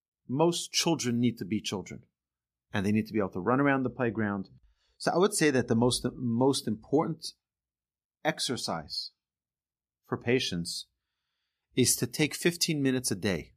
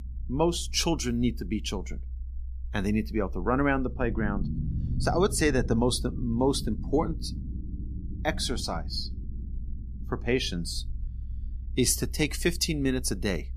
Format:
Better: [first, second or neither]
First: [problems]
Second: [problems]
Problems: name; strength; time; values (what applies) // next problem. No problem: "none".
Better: first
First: none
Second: low rumble; faint; throughout; 20 dB below the speech